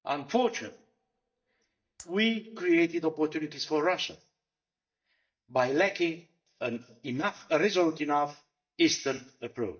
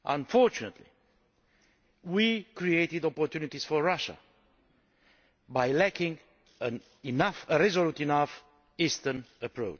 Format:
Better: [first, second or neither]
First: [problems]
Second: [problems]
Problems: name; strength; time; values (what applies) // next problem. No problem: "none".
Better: second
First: noise reduction (neural mask model DeepFilterNet 3)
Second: none